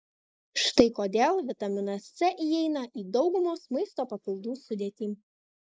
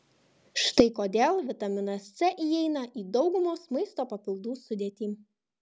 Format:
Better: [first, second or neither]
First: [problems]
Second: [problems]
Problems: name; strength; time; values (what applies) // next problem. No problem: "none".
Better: second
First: noise reduction (neural mask model Resemble Enhance denoiser)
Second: none